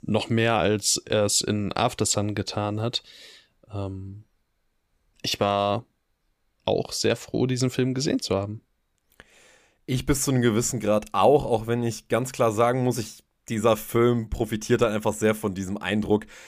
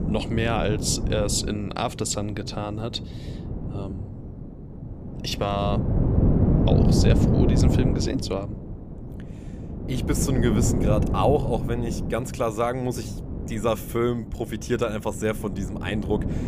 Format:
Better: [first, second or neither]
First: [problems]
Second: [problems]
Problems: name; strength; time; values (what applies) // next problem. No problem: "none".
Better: first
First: none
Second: wind noise on the microphone; heavy; 5 dB below the speech